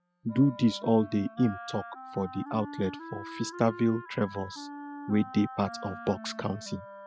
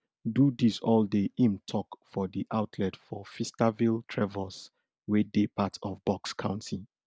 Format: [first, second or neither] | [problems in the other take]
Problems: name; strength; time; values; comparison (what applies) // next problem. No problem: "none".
second | noise reduction (classical method spectral subtraction)